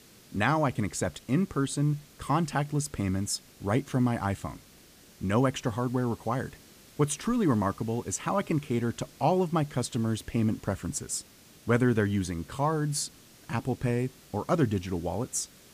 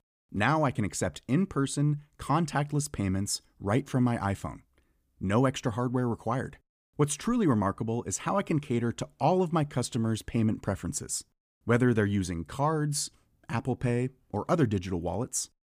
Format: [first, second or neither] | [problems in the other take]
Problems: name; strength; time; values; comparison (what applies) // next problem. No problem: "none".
second | hiss; faint; throughout; 25 dB below the speech